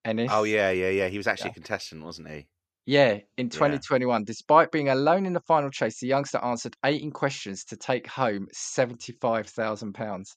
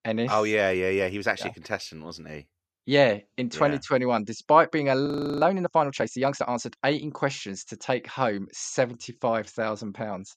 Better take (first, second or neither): first